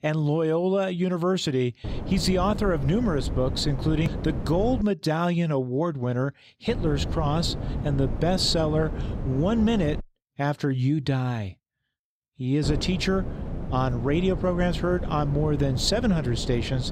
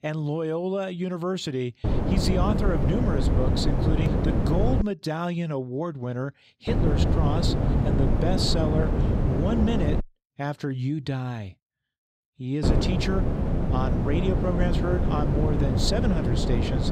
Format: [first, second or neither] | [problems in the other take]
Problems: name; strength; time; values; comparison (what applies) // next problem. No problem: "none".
first | wind noise on the microphone; heavy; from 2 to 5 s, from 6.5 to 10 s and from 13 s on; 1 dB below the speech; occasional gusts in the first